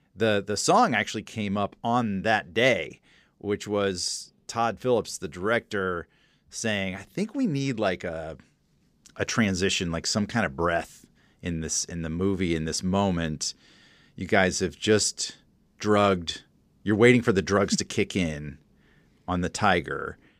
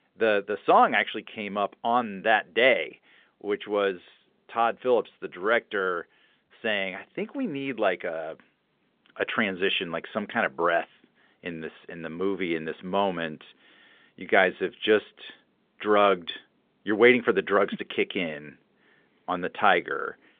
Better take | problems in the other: first | phone-call audio; nothing above 3.5 kHz

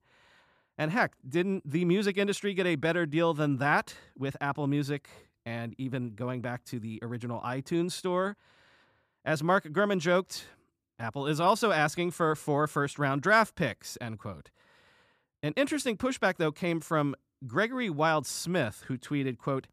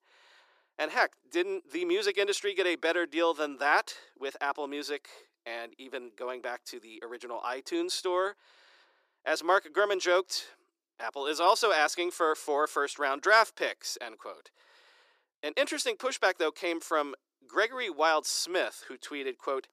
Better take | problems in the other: first | thin; very; fading below 350 Hz

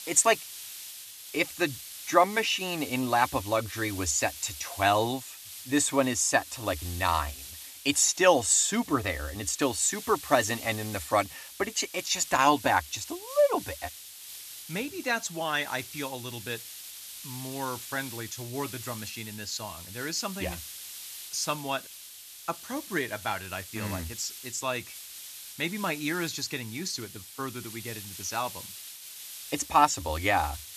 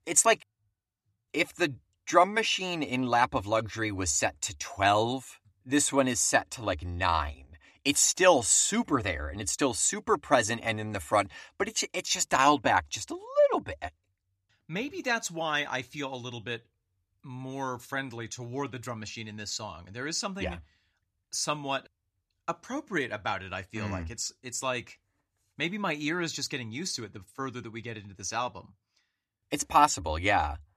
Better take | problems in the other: second | hiss; noticeable; throughout; 10 dB below the speech

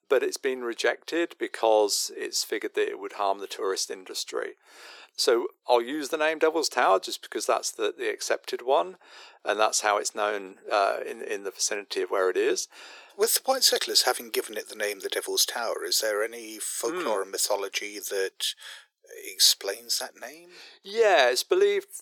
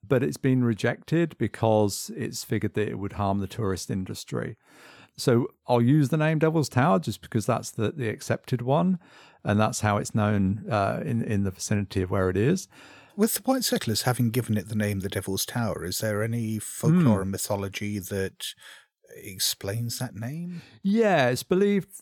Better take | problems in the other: second | thin; very; fading below 350 Hz

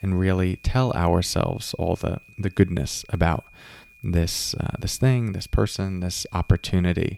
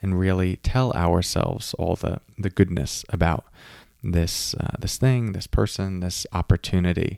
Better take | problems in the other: second | high-pitched whine; faint; throughout; 2.5 kHz, 25 dB below the speech

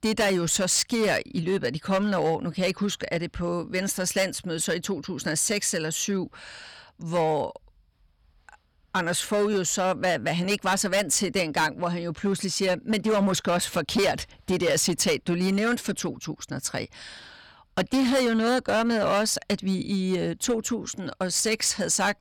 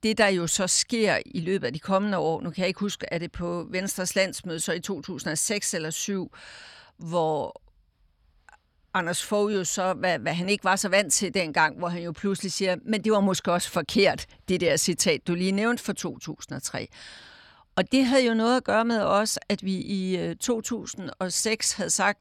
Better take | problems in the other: second | distortion; slight; 9% of the sound clipped

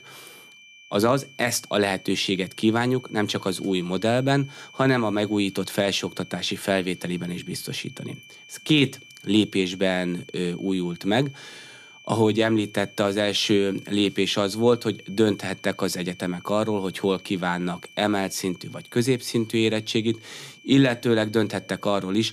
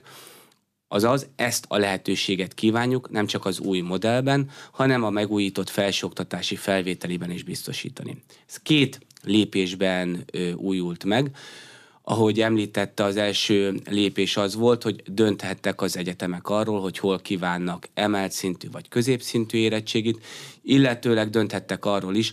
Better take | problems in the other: second | high-pitched whine; faint; throughout; 2.5 kHz, 20 dB below the speech

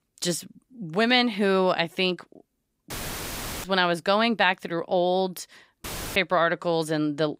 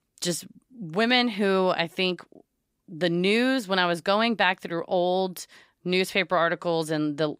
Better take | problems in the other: second | audio cutting out; filled with static; at 3 s for 0.5 s and at 6 s

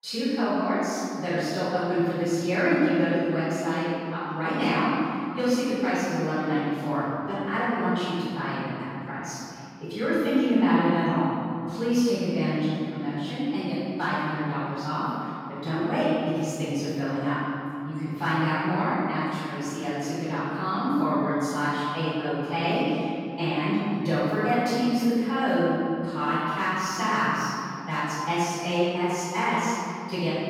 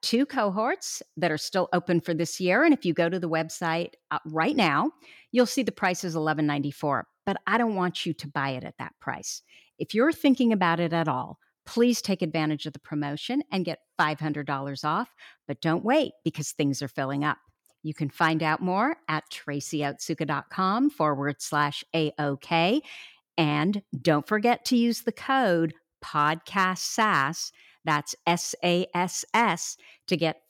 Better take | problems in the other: second | off-mic speech; far // room echo; strong; dies away in 2.6 s

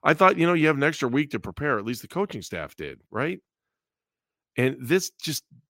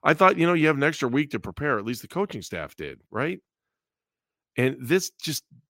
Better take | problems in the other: neither | none

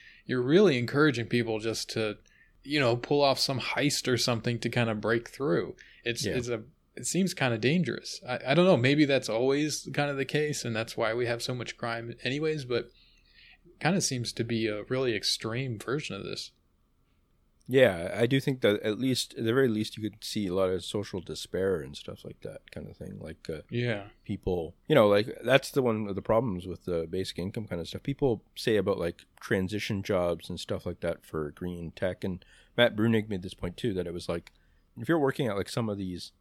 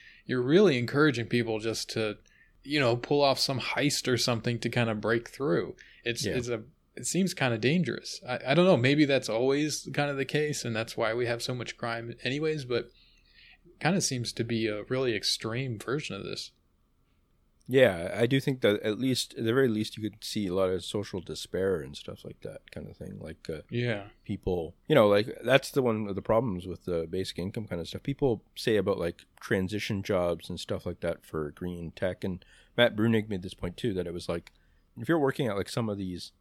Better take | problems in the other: neither | none

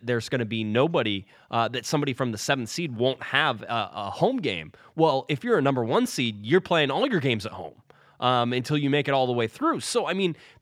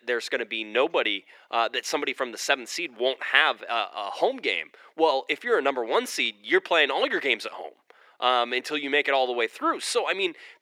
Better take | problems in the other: first | thin; somewhat; fading below 350 Hz

